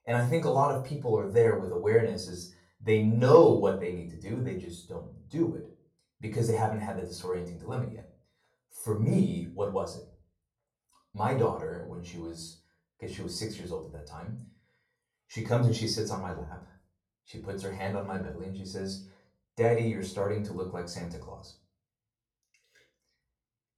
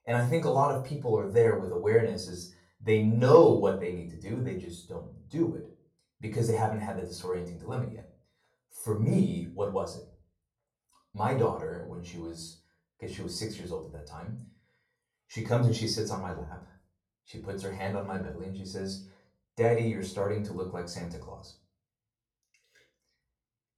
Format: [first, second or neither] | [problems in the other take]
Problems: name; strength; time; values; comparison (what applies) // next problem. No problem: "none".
neither | off-mic speech; far; the same in both // room echo; slight; dies away in 0.3 s; the same in both